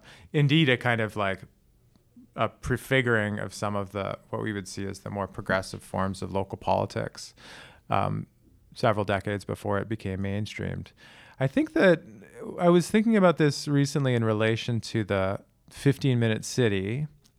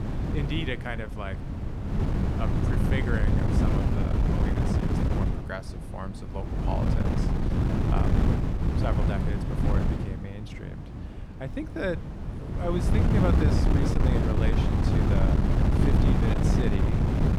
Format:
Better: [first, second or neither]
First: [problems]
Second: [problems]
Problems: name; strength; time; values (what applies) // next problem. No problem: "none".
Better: first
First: none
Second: wind noise on the microphone; heavy; 3 dB above the speech